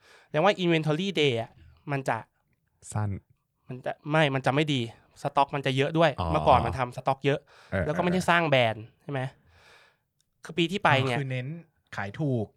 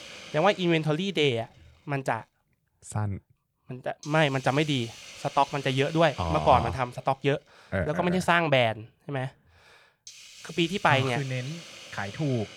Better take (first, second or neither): first